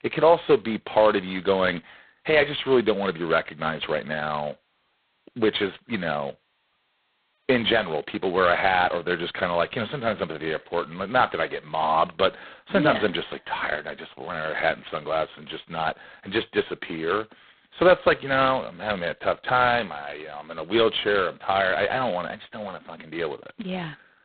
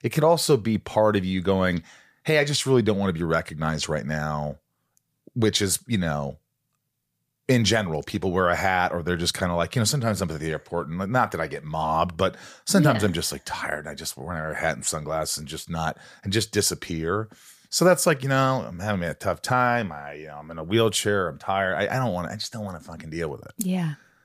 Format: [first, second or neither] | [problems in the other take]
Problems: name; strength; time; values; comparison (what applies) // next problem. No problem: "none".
second | phone-call audio; poor line; nothing above 4 kHz